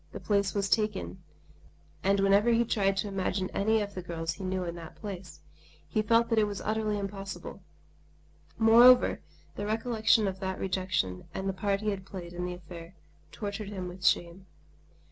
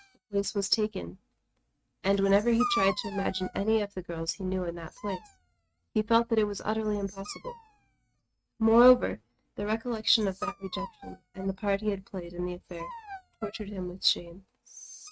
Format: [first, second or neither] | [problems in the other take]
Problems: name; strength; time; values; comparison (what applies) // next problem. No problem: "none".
first | noise reduction (neural mask model RNNoise)